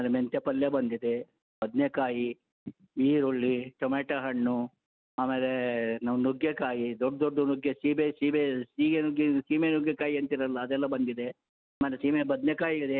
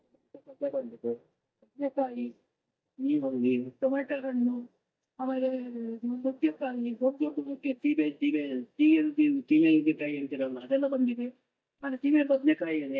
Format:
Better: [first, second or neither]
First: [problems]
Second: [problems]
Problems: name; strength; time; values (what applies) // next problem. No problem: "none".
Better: first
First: none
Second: noise reduction (neural mask model DeepFilterNet 3)